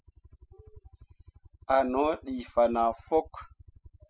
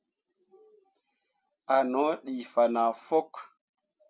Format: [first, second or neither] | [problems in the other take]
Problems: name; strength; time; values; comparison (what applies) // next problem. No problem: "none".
second | noise reduction (classical method spectral subtraction)